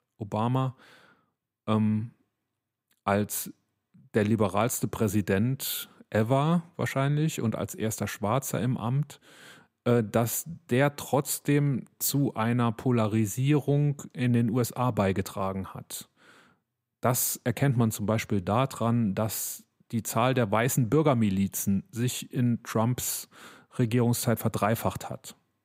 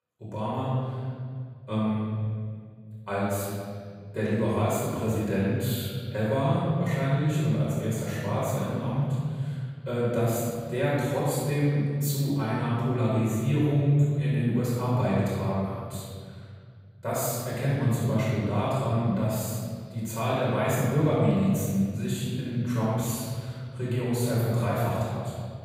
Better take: first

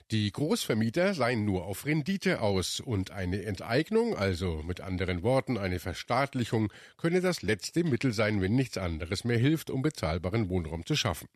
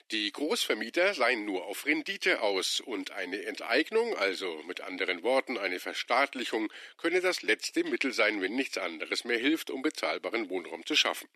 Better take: first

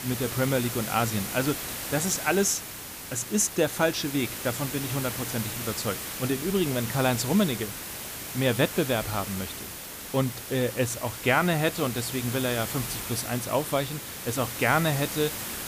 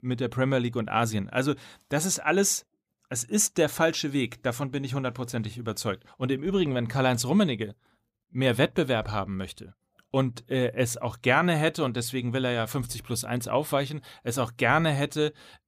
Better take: second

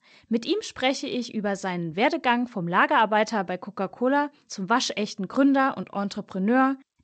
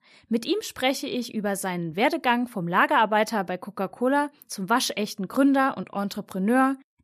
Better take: second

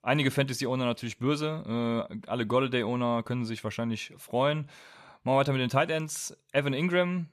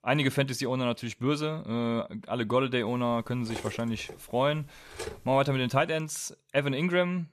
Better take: first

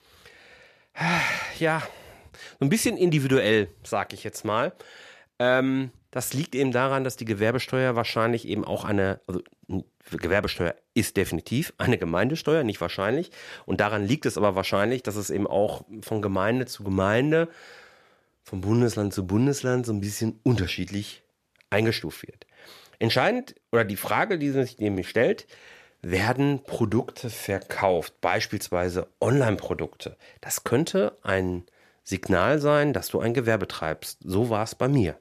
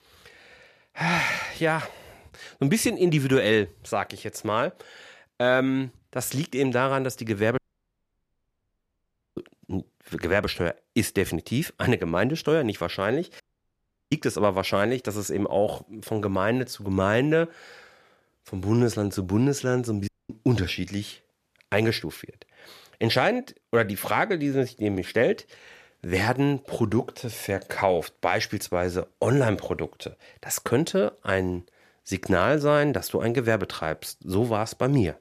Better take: first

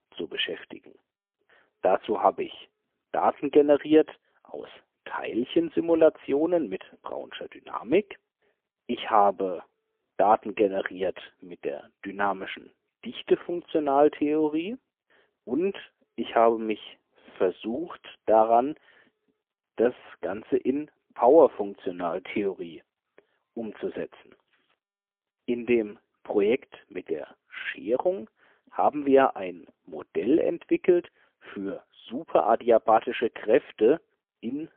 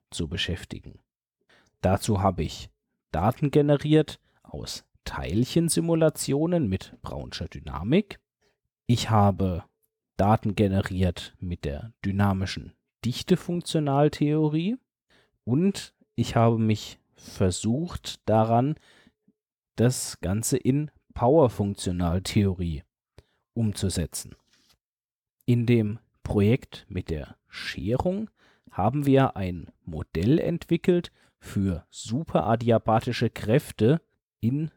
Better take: second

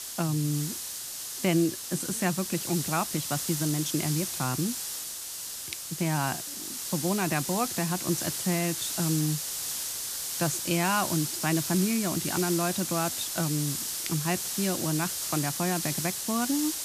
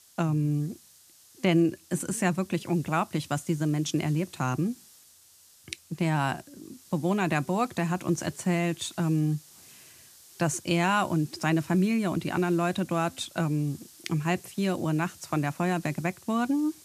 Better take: second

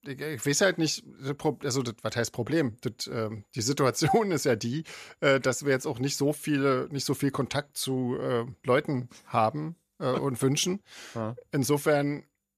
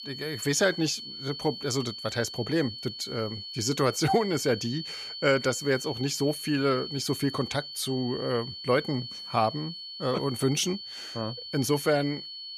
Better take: first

